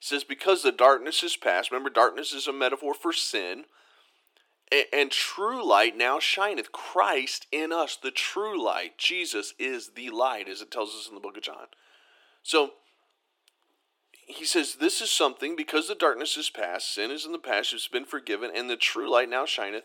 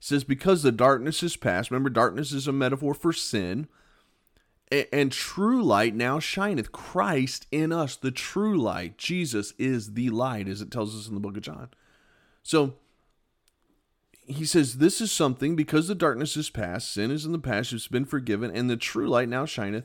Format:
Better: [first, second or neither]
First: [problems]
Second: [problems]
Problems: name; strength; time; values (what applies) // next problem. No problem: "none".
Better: second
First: thin; very; fading below 350 Hz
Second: none